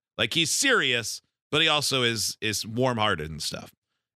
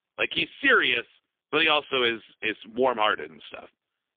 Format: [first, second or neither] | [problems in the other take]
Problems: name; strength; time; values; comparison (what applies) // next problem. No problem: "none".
first | phone-call audio; poor line; nothing above 3.5 kHz